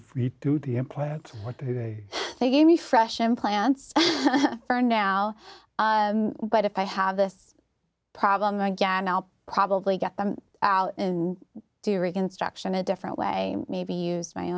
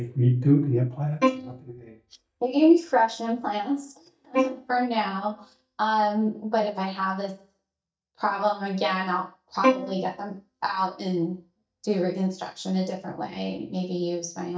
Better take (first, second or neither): first